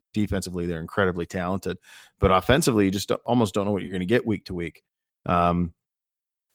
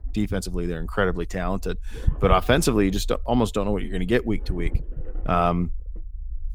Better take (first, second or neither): first